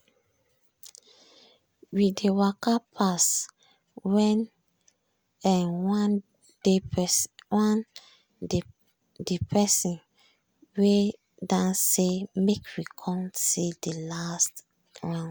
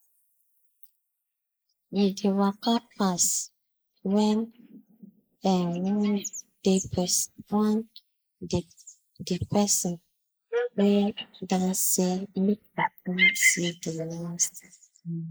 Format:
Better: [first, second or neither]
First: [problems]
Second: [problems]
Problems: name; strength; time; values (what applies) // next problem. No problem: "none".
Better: first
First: none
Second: noise reduction (neural mask model Resemble Enhance denoiser)